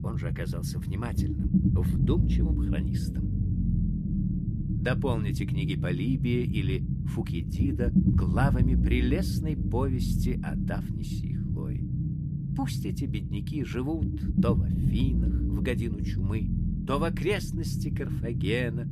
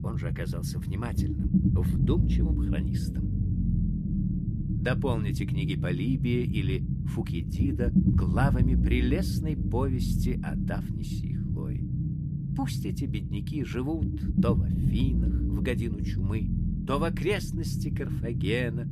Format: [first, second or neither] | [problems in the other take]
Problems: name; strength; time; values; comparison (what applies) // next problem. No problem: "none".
neither | low rumble; loud; throughout; 3 dB below the speech; the same in both